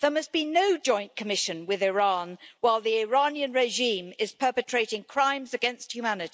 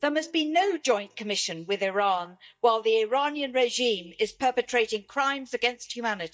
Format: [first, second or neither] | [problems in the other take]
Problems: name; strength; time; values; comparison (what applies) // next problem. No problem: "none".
first | noise reduction (neural mask model DeepFilterNet 3)